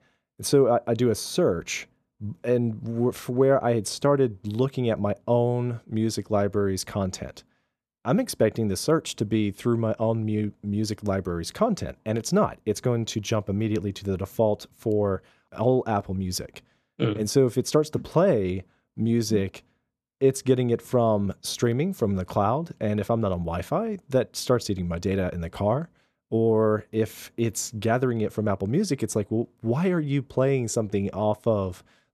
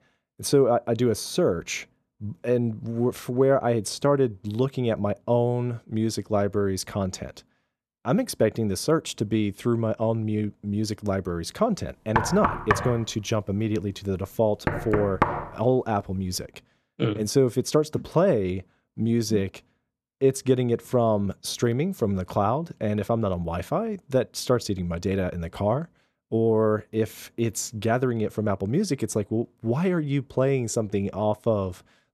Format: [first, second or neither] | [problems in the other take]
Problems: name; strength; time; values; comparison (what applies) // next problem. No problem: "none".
first | door banging; loud; from 12 to 15 s; peak 1 dB above the speech